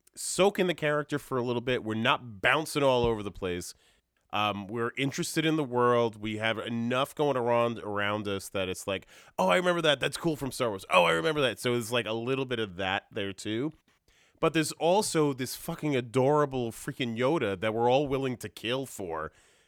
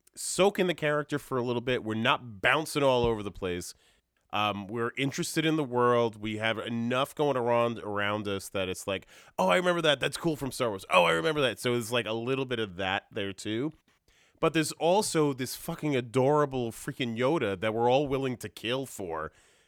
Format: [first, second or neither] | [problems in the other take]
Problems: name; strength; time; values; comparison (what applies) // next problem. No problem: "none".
neither | none